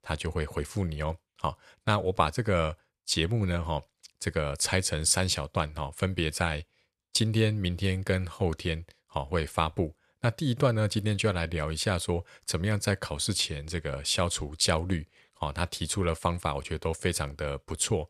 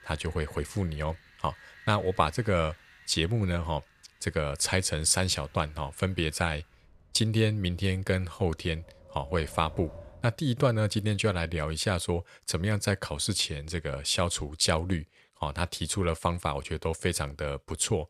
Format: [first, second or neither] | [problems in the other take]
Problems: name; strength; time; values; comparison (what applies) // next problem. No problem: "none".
first | wind in the background; faint; until 10 s; 25 dB below the speech